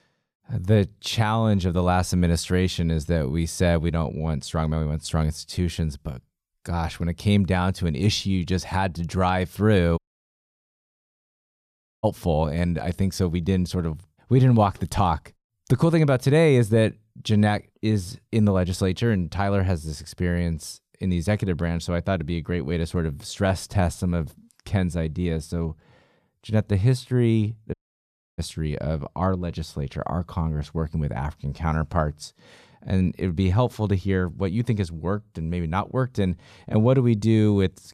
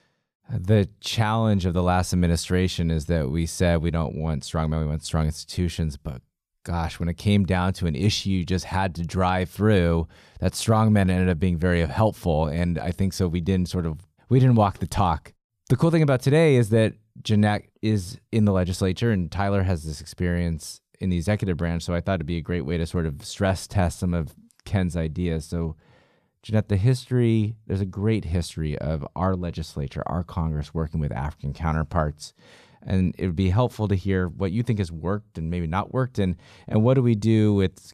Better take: second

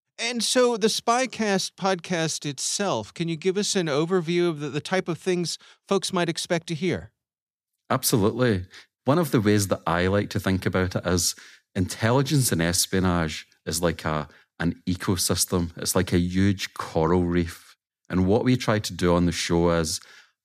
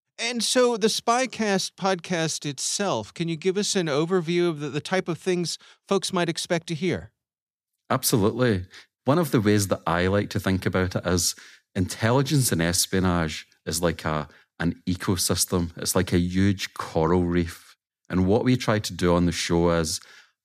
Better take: neither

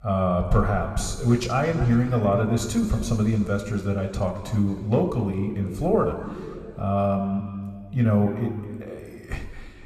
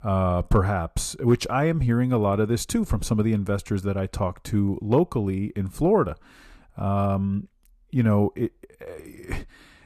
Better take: second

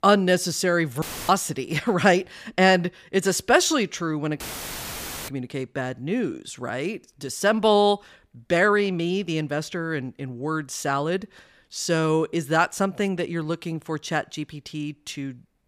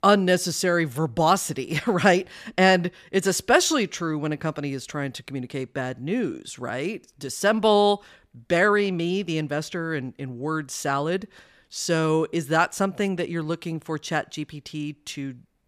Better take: second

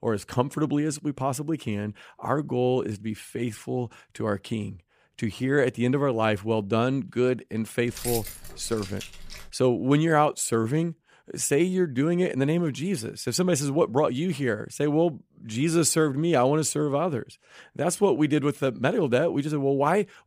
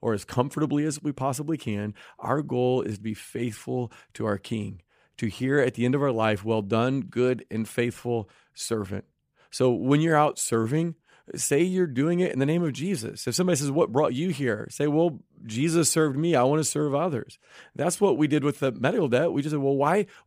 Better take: second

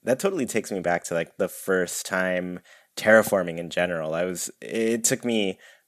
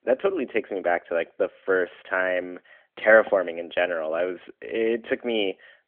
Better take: first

